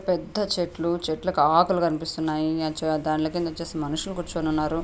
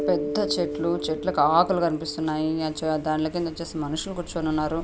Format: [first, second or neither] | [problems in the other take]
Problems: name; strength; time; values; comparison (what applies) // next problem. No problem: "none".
first | background sound (Mallet percussion); 9 dB below the speech